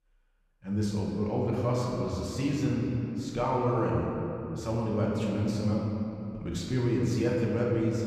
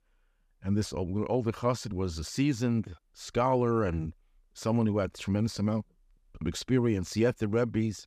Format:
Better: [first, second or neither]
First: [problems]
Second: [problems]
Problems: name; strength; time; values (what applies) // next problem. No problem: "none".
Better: second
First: room echo; noticeable; dies away in 2.6 s // off-mic speech; far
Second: none